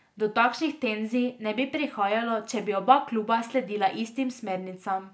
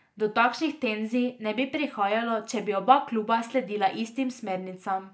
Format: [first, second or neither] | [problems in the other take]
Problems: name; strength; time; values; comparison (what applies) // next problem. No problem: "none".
first | noise reduction (neural mask model Resemble Enhance denoiser)